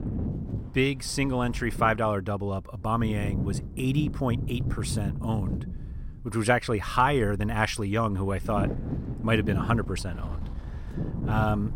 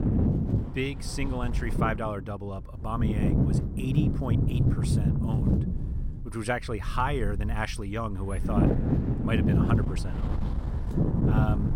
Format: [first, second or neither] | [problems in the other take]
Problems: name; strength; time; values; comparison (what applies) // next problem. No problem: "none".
first | wind noise on the microphone; heavy; 1 dB below the speech; occasional gusts in the first